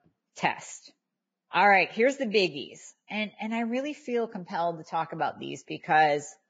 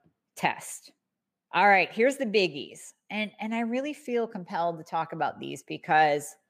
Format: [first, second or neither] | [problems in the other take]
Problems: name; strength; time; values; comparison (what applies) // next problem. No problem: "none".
second | garbled, watery; badly; nothing above 7.5 kHz